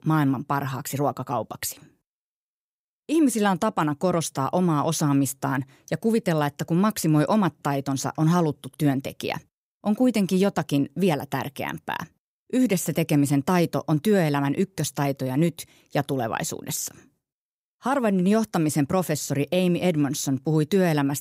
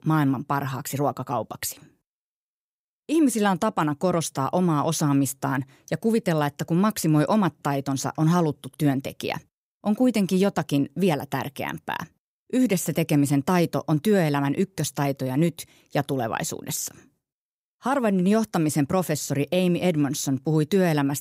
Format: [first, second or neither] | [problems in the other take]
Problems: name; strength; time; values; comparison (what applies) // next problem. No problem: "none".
neither | none